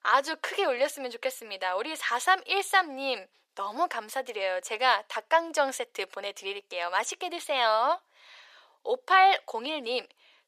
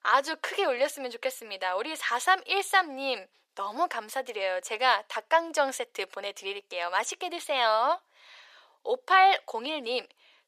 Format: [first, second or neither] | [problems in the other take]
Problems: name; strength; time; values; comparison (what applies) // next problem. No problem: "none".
neither | thin; very; fading below 450 Hz; the same in both